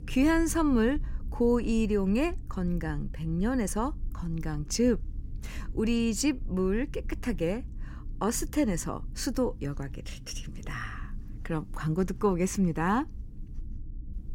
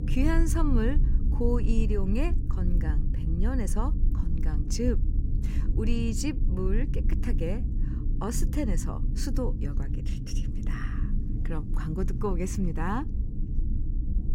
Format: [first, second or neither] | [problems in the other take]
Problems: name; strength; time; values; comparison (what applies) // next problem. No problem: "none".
first | low rumble; loud; throughout; 9 dB below the speech; faint in the first